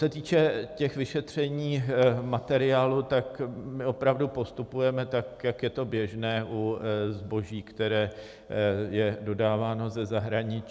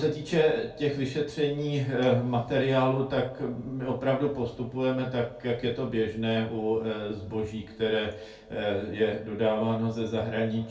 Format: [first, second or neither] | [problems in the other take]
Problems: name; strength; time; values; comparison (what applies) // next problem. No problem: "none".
first | room echo; dies away in 0.2 s